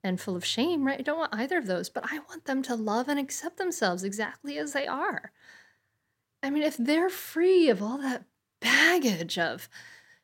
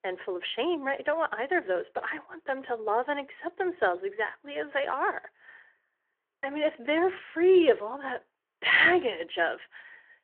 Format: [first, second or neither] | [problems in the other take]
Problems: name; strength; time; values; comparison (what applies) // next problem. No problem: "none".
first | phone-call audio